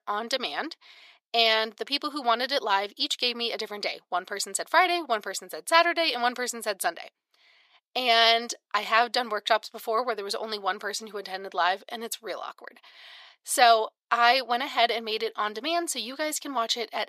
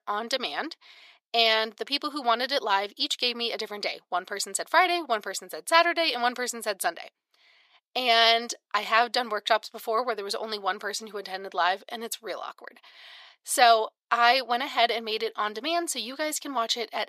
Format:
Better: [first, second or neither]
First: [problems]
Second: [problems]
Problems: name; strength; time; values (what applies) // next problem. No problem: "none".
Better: neither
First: thin; very; fading below 700 Hz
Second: thin; very; fading below 700 Hz